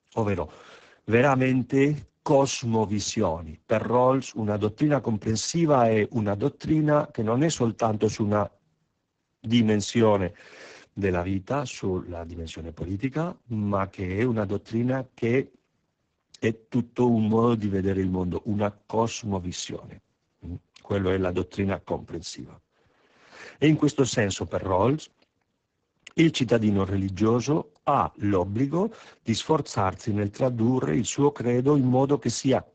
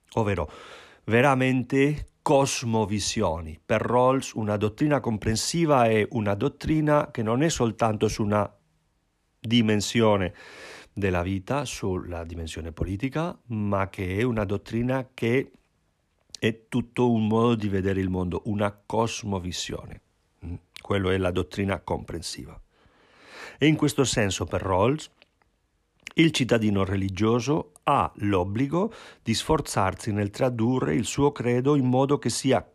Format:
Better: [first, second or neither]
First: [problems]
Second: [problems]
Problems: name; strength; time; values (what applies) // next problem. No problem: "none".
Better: second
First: garbled, watery; badly; nothing above 7.5 kHz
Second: none